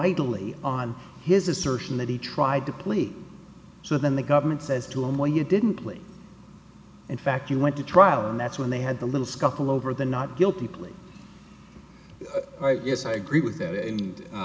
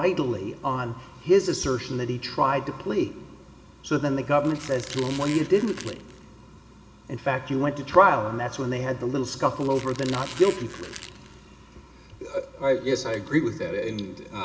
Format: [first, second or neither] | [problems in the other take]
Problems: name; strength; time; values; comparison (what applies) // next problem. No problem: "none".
first | background sound (Squeak); 15 dB below the speech // room echo; dies away in 0.5 s